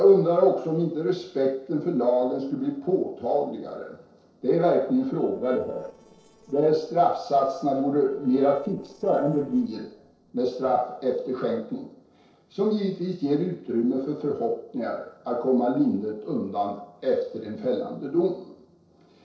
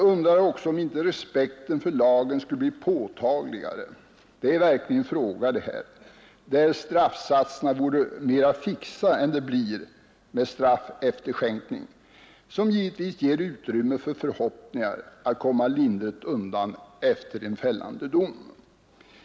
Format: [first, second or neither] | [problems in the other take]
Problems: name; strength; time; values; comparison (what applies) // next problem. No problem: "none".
second | noise reduction (neural separator model SepFormer DNS4)